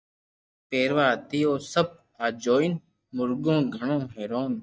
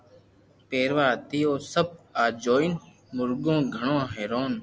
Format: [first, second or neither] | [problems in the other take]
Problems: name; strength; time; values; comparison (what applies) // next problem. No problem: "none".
second | noise reduction (neural mask model DeepFilterNet 3)